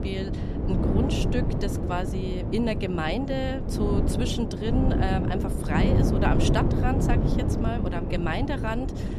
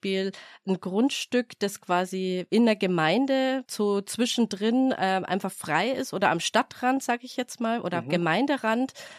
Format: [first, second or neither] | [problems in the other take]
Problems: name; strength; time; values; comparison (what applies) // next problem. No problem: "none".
second | wind noise on the microphone; heavy; 2 dB below the speech